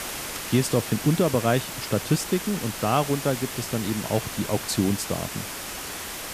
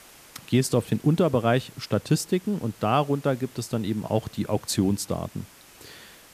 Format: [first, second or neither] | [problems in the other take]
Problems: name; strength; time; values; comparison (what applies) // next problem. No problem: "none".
second | hiss; loud; throughout; 6 dB below the speech; faint in the second